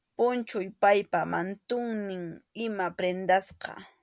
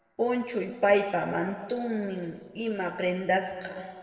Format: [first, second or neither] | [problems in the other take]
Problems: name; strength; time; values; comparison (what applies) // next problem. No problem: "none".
first | noise reduction (neural separator model SepFormer DNS4)